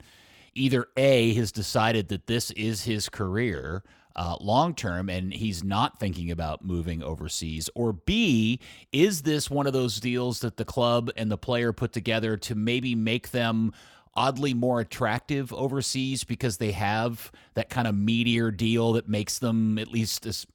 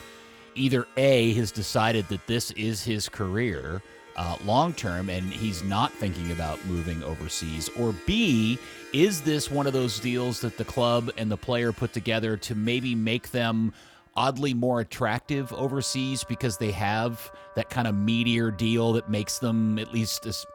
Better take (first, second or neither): first